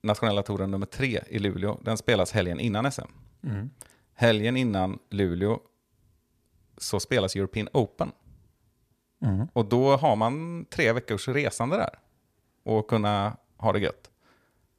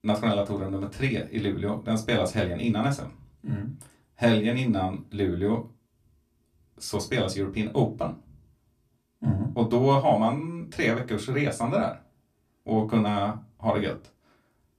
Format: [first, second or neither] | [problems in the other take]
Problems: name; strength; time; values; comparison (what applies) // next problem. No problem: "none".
first | off-mic speech; far // room echo; very slight; dies away in 0.2 s